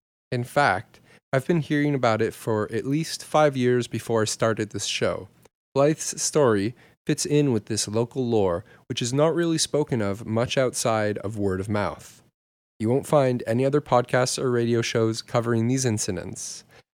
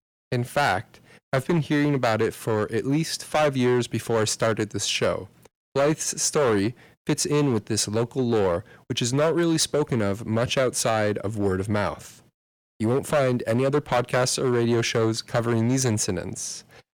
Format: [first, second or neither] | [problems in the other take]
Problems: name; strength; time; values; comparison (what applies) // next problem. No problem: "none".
first | distortion; slight; 8% of the sound clipped